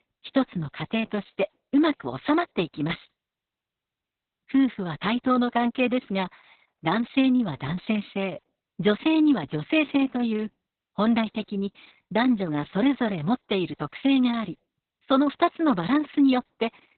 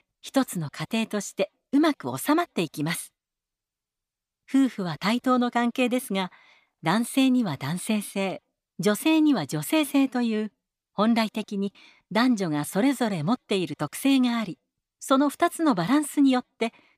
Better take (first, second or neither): second